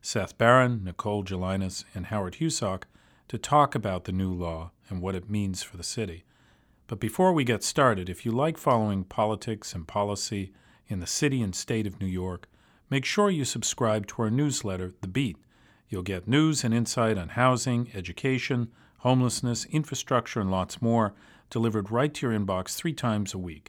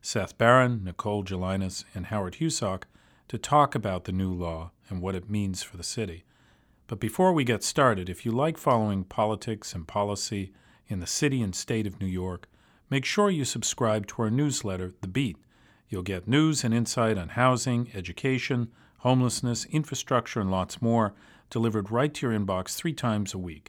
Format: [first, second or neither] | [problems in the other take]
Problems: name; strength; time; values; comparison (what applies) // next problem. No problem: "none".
neither | none